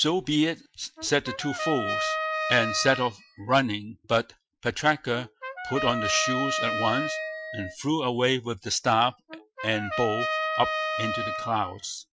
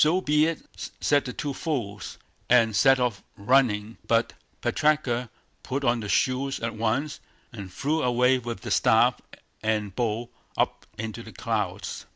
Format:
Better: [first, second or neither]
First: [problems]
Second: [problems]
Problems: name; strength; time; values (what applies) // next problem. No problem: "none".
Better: second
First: noise reduction (classical method Wiener filter)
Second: none